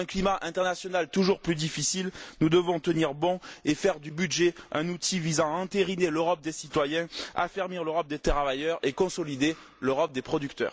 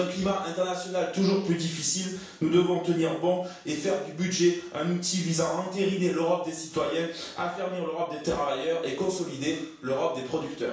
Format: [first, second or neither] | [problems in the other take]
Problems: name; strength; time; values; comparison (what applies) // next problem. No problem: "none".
first | room echo; dies away in 0.7 s